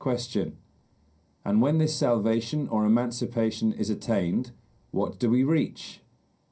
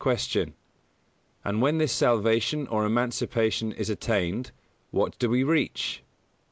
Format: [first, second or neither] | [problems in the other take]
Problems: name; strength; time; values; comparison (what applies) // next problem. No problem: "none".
second | room echo; dies away in 0.3 s